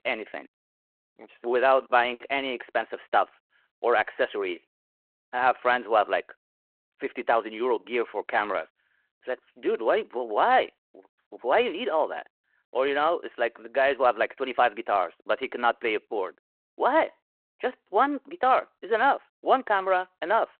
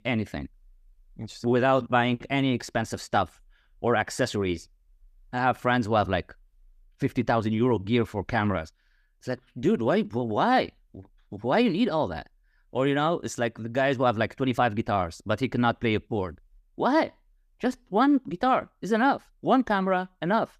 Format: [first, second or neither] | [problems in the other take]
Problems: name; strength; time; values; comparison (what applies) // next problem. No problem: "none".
second | phone-call audio